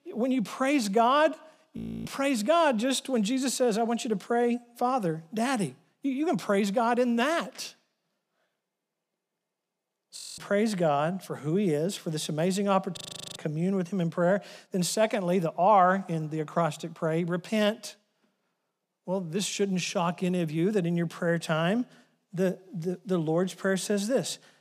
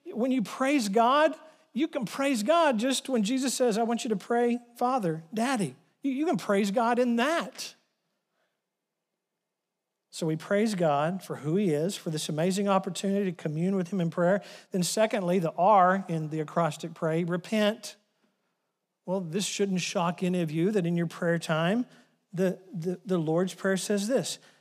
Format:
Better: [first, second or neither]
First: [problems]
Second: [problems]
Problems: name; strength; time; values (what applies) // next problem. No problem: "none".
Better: second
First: audio freezing; at 2 s, at 10 s and at 13 s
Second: none